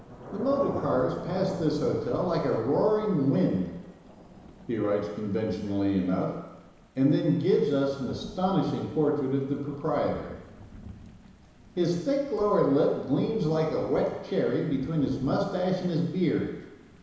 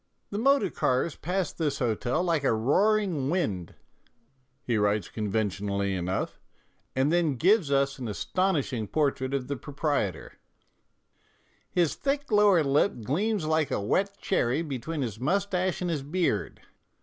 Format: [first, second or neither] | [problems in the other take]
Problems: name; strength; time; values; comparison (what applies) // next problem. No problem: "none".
second | background sound (Thunder / Rain); 16 dB below the speech // room echo; dies away in 1 s